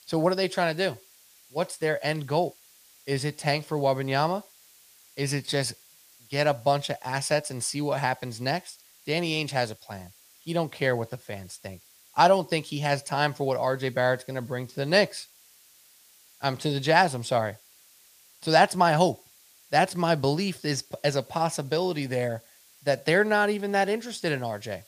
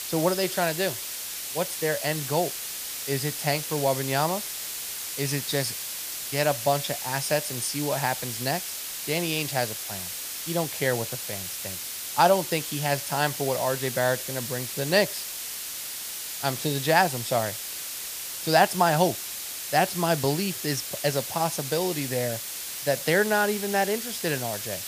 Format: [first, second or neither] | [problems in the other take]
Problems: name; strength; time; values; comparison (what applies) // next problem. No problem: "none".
first | hiss; loud; throughout; 5 dB below the speech; faint in the first